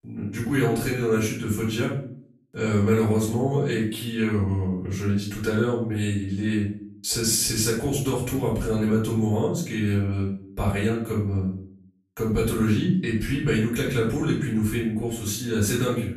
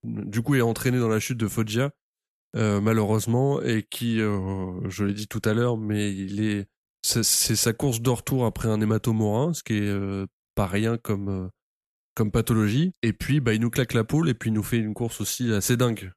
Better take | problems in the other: second | off-mic speech; far // room echo; noticeable; dies away in 0.5 s

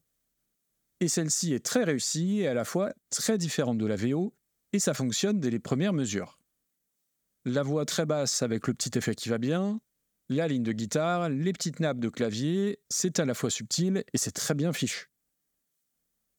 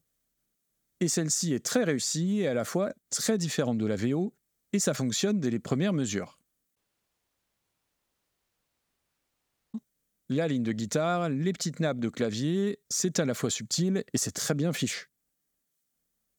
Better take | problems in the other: first | audio cutting out; at 7 s for 3 s

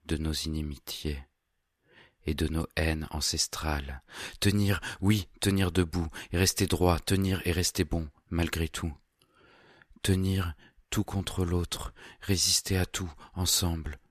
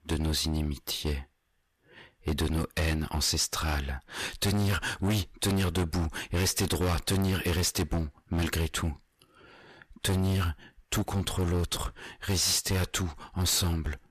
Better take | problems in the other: first | distortion; heavy; 17% of the sound clipped

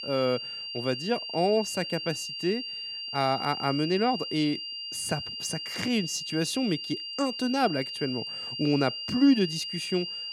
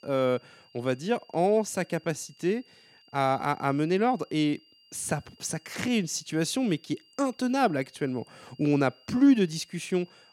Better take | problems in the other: second | high-pitched whine; loud; throughout; 3 kHz, 5 dB below the speech; faint in the second

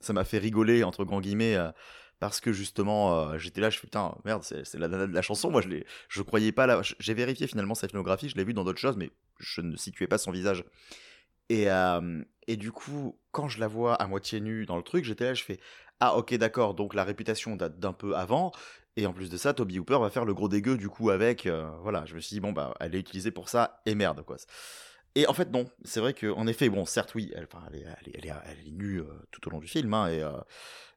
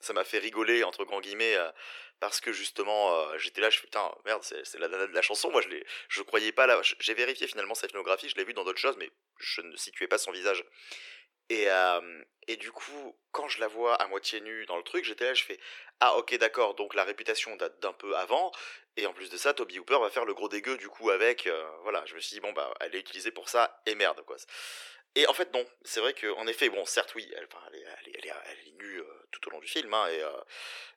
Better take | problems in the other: first | thin; very; fading below 350 Hz

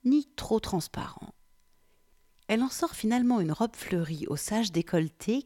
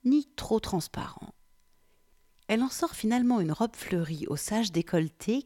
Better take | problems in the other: neither | none

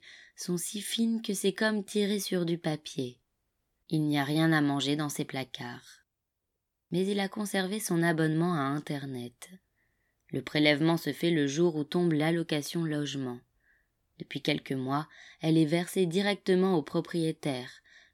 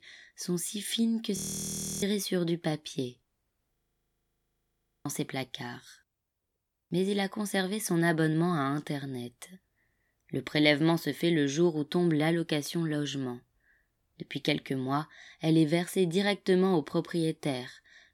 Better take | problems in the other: first | audio freezing; at 1.5 s for 0.5 s and at 4 s for 1.5 s

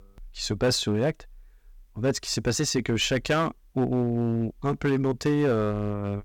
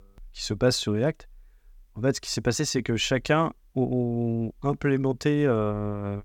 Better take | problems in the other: second | distortion; slight; 5% of the sound clipped

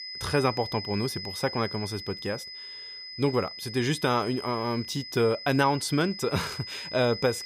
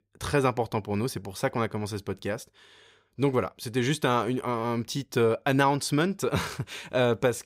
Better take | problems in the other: second | high-pitched whine; loud; throughout; 5 kHz, 9 dB below the speech

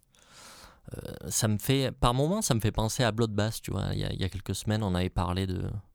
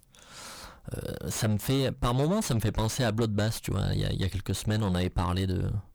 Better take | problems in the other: first | distortion; heavy; 7 dB below the speech

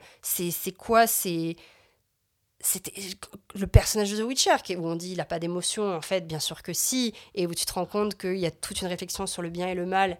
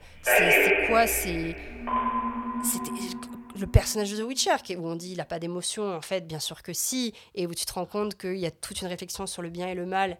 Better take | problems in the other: first | alarms or sirens; very loud; until 3 s; 4 dB above the speech

